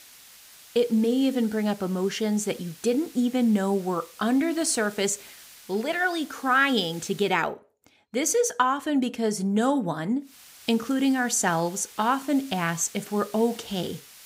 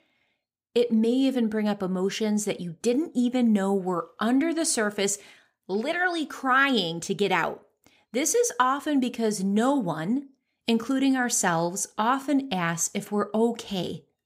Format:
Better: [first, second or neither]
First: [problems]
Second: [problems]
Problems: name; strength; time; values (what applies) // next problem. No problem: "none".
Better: second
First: hiss; faint; until 7.5 s and from 10 s on; 20 dB below the speech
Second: none